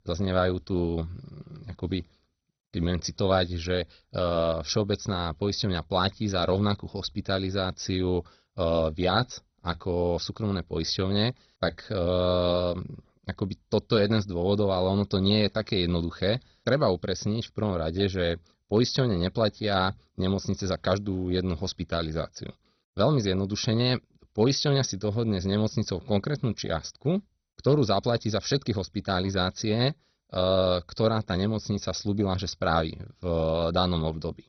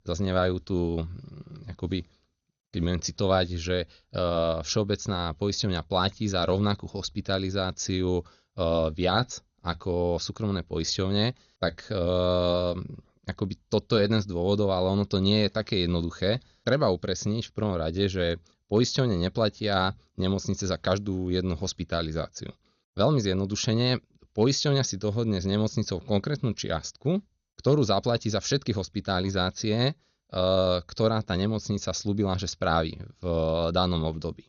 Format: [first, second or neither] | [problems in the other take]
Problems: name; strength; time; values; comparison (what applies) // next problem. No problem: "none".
second | garbled, watery; badly; nothing above 6 kHz; slightly in the second